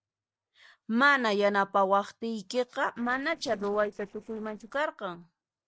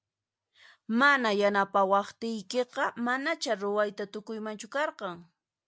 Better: second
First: noise reduction (neural separator model SepFormer DNS4)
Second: none

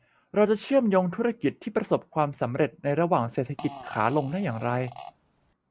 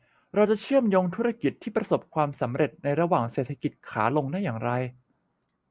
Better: second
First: background sound (Fart); 18 dB below the speech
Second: none

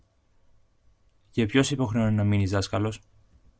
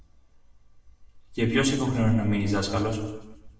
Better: first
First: none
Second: room echo; dies away in 1 s

